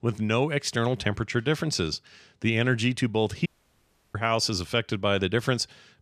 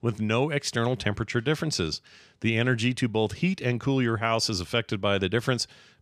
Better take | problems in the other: second | audio cutting out; at 3.5 s for 0.5 s

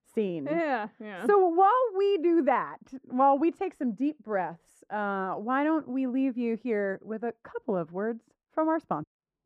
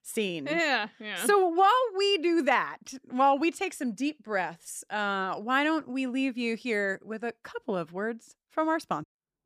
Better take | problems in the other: second | muffled; very; fading above 2 kHz

